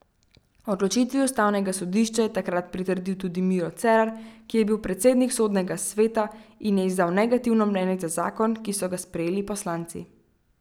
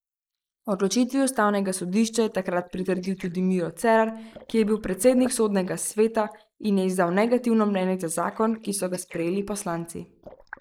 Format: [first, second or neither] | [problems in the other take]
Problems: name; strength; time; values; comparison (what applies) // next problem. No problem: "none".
first | noise reduction (neural mask model Resemble Enhance denoiser)